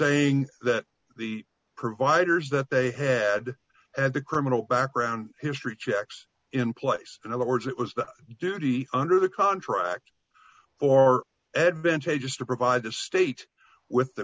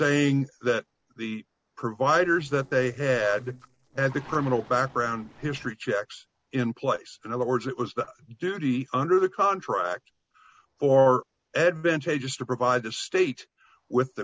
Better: first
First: none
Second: noise reduction (neural separator model SepFormer DNS4)

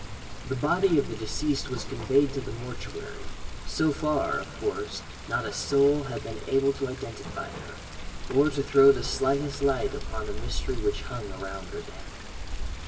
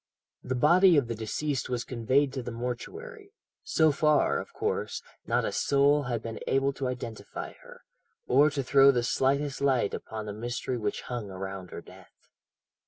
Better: second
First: background sound (Water); 7 dB below the speech // room echo; dies away in 2.3 s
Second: none

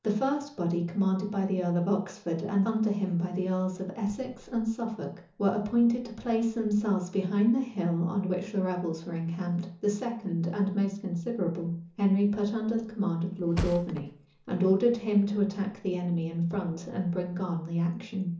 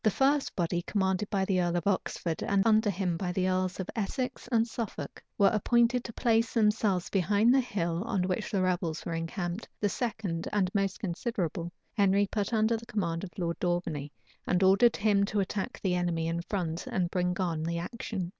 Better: second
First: background sound (Thump, thud); 11 dB below the speech // room echo; dies away in 0.8 s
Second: none

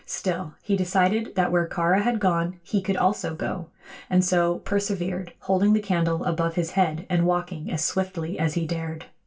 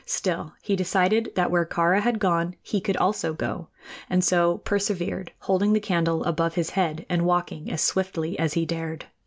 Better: second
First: room echo; dies away in 0.2 s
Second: none

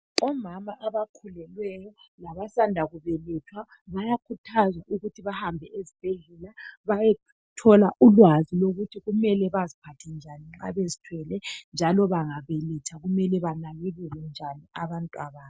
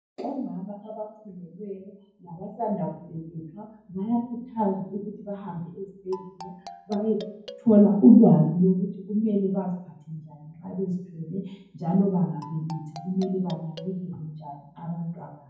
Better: first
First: none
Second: background sound (Marimba, xylophone); 18 dB below the speech // room echo; dies away in 0.9 s

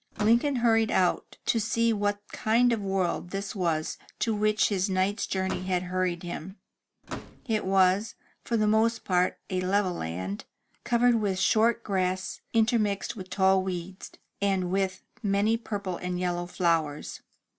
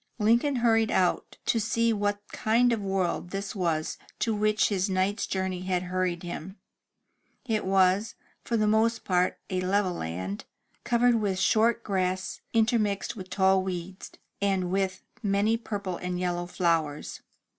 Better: second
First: background sound (Slam / Microwave oven); 13 dB below the speech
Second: none

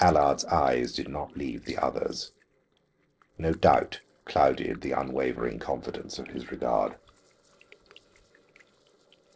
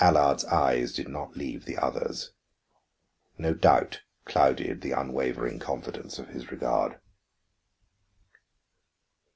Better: second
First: noise reduction (neural separator model SepFormer DNS4)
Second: none

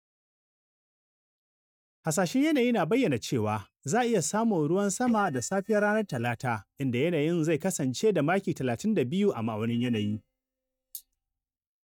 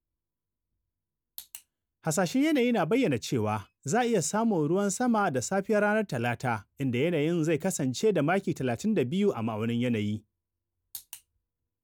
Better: second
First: noise reduction (neural mask model DeepFilterNet 3)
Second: none

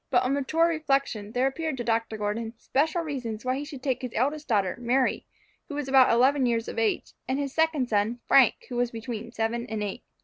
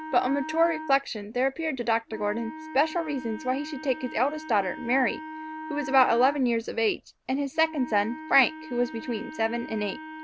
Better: first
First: none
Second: background sound (Wind instrument, woodwind instrument); 12 dB below the speech

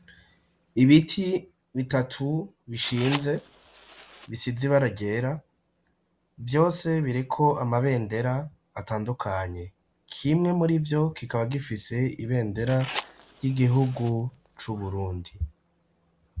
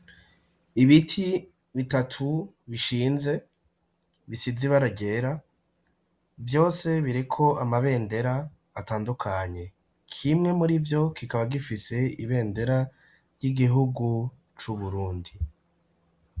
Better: second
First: background sound (Fire); 14 dB below the speech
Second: none

